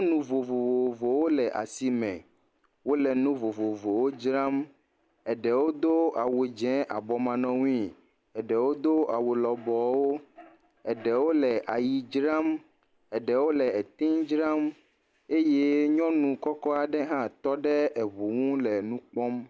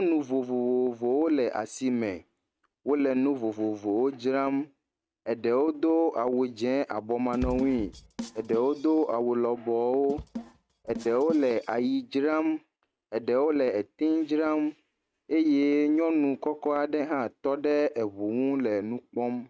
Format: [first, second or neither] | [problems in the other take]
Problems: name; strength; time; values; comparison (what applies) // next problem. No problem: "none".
first | noise reduction (neural mask model RNNoise)